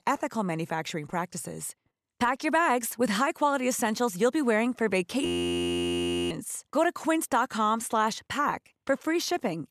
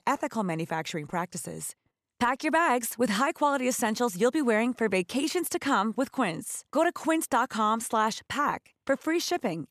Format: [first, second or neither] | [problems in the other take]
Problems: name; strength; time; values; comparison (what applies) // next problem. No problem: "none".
second | audio freezing; at 5.5 s for 1 s